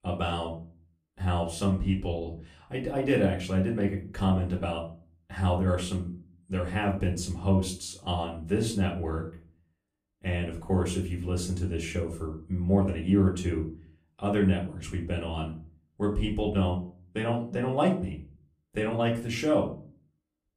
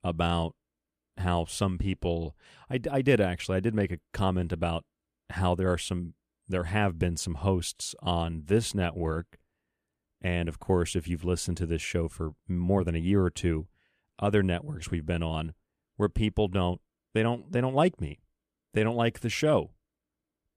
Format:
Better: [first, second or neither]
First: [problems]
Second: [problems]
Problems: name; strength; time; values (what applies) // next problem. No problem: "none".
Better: second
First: off-mic speech; far // room echo; slight; dies away in 0.4 s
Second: none